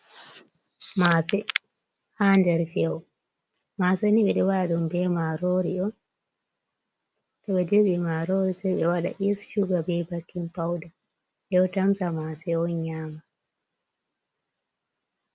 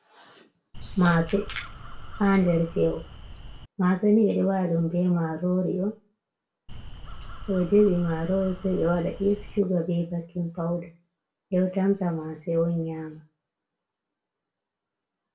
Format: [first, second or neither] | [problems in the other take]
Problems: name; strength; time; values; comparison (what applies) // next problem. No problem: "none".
first | background sound (Crow); 12 dB below the speech // room echo; dies away in 0.3 s